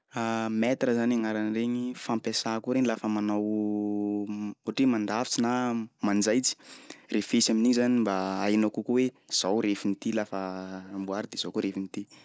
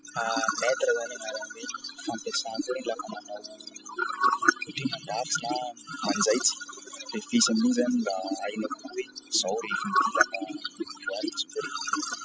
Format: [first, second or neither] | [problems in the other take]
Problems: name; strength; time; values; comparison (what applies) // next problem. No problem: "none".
first | noise reduction (classical method spectral subtraction)